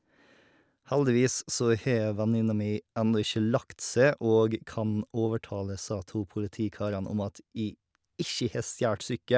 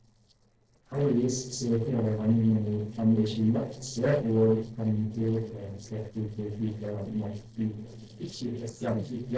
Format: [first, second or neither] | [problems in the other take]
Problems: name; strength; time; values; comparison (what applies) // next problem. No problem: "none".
first | noise reduction (neural separator model SepFormer DNS4)